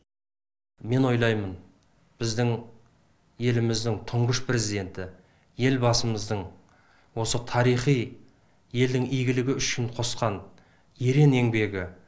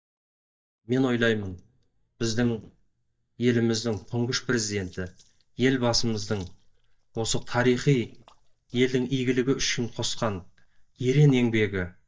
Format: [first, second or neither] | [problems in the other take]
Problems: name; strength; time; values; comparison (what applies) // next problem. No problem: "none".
first | noise reduction (neural mask model DeepFilterNet 3)